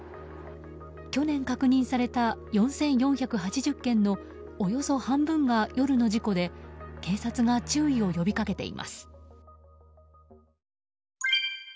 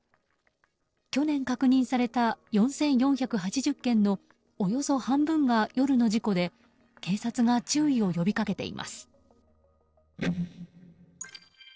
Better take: first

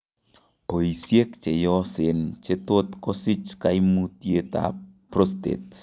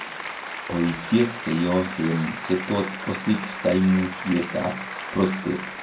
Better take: first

